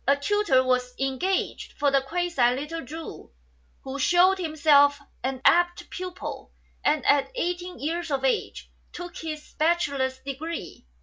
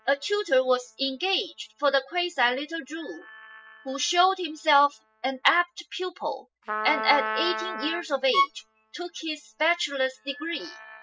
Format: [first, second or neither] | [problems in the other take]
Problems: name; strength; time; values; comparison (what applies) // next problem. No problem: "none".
first | noise reduction (classical method spectral subtraction)